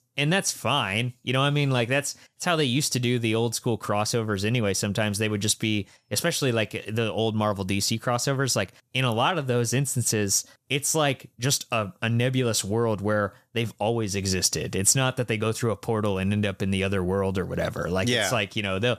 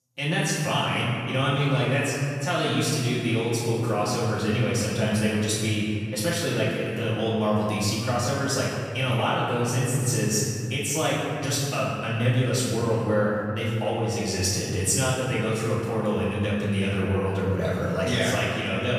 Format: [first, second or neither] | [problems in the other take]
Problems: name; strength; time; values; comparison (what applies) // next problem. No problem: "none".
first | off-mic speech; far // room echo; strong; dies away in 2.3 s